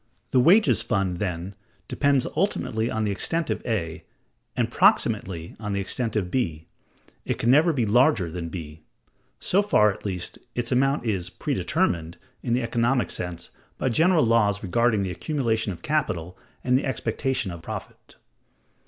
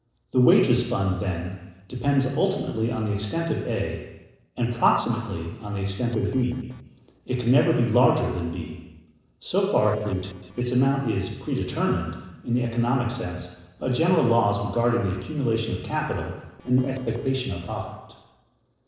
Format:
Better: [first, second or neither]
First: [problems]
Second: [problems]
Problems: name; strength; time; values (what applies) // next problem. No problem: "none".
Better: first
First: none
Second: noise reduction (neural separator model SepFormer DNS4)